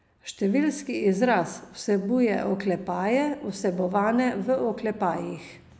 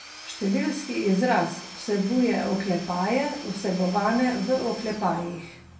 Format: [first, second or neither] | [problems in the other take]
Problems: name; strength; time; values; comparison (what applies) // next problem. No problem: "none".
first | background sound (Tools / Domestic sounds, home sounds); 16 dB below the speech // room echo; dies away in 0.3 s